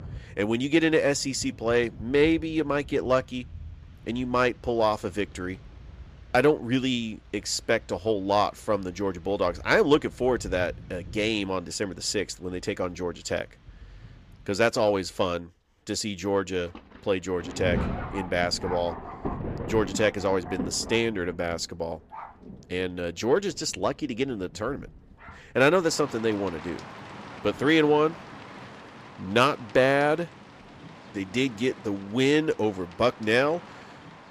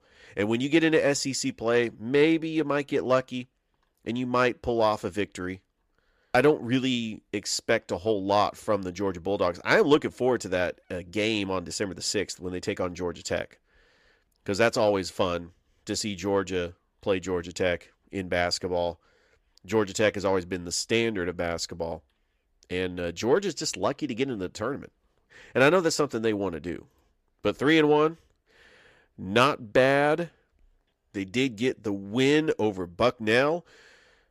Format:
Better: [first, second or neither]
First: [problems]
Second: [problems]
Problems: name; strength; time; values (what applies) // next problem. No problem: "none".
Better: second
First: rain or running water; noticeable; throughout; 15 dB below the speech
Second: none